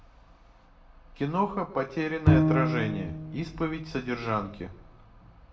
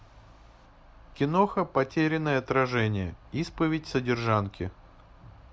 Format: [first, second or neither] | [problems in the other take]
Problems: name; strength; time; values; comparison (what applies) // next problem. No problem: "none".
second | background sound (Bowed string instrument); 4 dB above the speech // room echo; dies away in 0.6 s